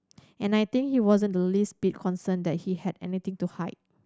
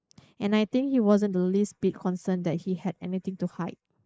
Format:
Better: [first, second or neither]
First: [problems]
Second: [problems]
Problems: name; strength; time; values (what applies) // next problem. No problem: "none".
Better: first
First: none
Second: noise reduction (neural mask model Resemble Enhance denoiser)